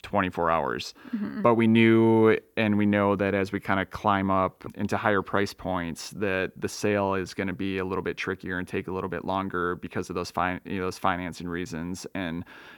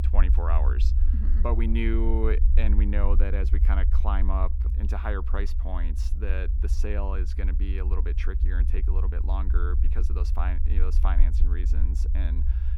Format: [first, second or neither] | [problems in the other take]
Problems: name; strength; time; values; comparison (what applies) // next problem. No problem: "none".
first | low rumble; loud; throughout; 10 dB below the speech